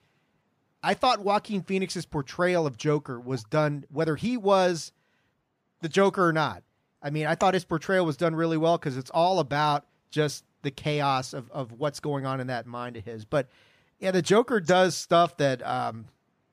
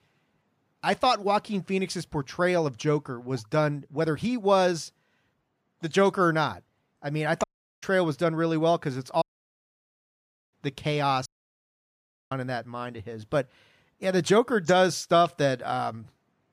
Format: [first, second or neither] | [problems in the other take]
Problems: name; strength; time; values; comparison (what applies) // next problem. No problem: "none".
first | audio cutting out; at 7.5 s, at 9 s for 1.5 s and at 11 s for 1 s